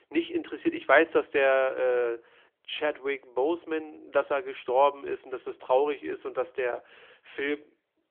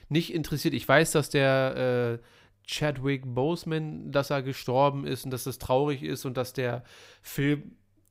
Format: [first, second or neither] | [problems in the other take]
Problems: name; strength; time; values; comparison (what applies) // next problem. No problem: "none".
second | phone-call audio; nothing above 3.5 kHz